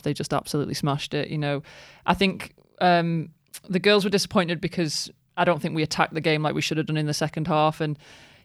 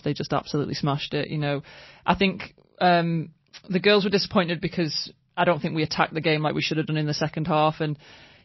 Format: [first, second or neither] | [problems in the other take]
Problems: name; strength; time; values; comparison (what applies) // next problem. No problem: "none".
first | garbled, watery; slightly; nothing above 5.5 kHz